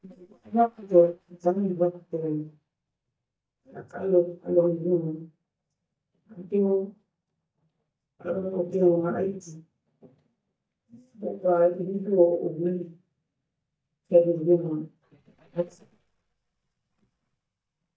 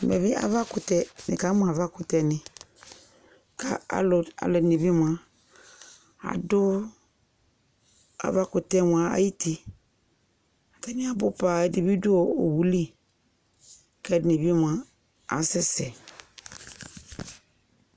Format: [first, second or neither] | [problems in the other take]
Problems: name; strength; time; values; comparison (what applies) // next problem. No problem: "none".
second | noise reduction (neural mask model DeepFilterNet 3)